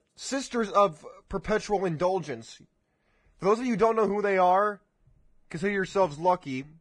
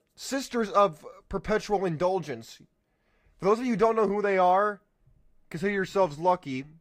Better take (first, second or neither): second